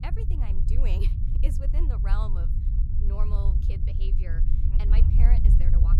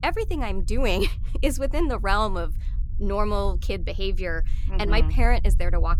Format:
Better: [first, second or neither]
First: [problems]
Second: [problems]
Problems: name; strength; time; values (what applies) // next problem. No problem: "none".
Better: second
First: low rumble; loud; throughout; 1 dB below the speech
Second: low rumble; faint; throughout; 20 dB below the speech